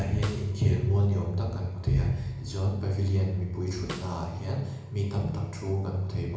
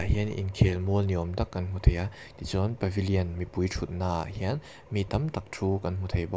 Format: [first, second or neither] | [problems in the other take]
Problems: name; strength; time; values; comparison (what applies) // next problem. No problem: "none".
second | background sound (Snare drum); 19 dB below the speech // room echo; dies away in 1 s